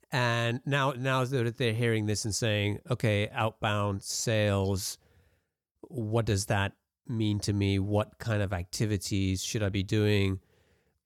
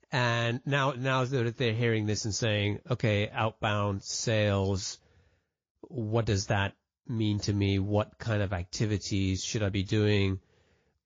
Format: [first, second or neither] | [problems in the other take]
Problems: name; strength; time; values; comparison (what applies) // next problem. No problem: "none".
first | garbled, watery; slightly